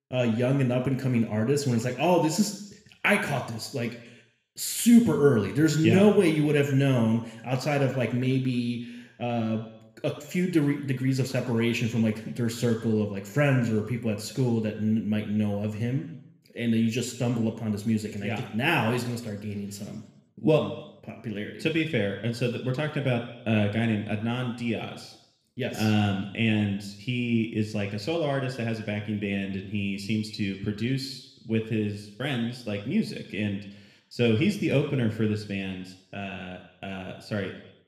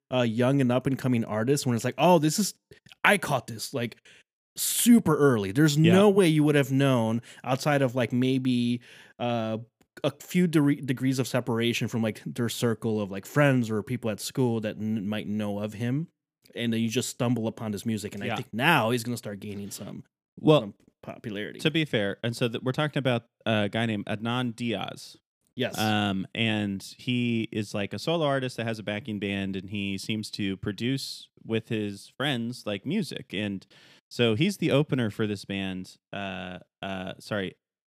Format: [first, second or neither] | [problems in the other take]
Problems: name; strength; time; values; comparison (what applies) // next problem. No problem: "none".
second | room echo; slight; dies away in 0.8 s